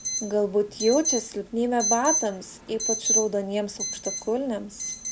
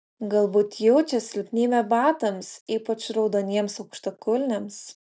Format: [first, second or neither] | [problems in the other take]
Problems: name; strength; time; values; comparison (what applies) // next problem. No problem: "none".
second | background sound (Alarm); 4 dB below the speech